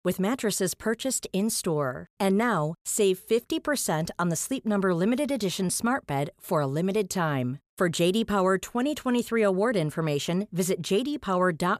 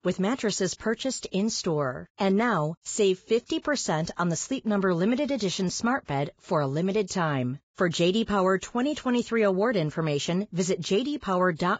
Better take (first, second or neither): first